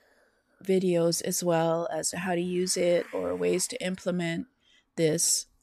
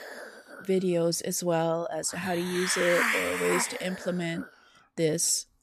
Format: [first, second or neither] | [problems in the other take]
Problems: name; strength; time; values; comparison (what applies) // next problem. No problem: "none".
first | hiss; loud; throughout; 2 dB below the speech; faint in the first